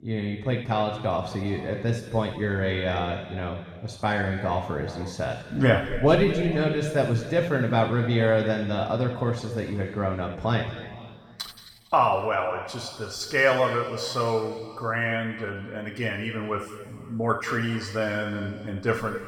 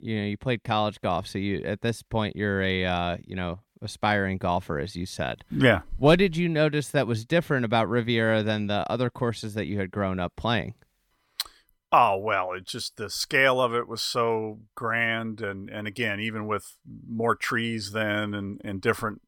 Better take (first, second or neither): second